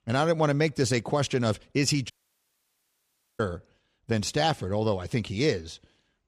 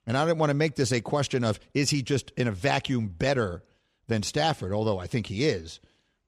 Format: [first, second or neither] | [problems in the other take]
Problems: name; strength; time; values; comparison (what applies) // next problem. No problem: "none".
second | audio cutting out; at 2 s for 1.5 s